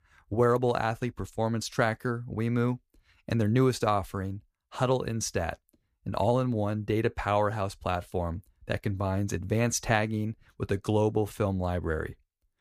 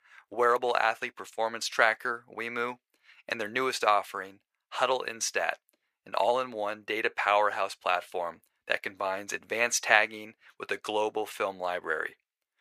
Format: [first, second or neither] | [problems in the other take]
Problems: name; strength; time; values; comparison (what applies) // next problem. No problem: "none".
first | thin; very; fading below 600 Hz